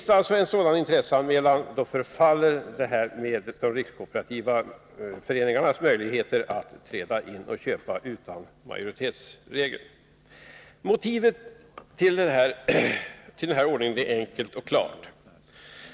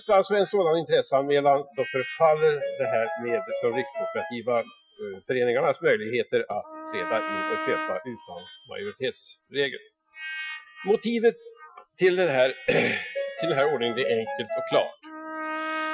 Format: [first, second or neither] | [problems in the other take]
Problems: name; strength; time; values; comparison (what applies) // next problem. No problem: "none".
first | noise reduction (classical method Wiener filter)